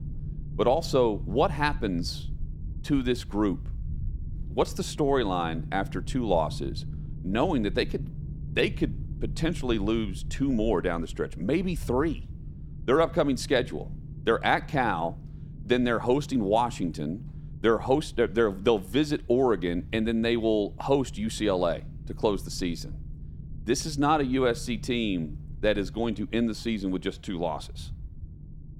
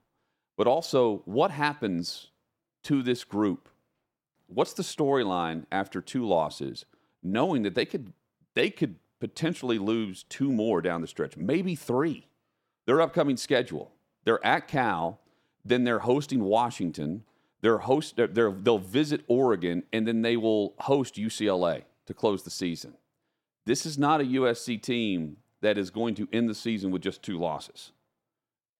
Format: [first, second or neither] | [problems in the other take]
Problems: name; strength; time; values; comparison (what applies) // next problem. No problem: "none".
second | low rumble; faint; throughout; 25 dB below the speech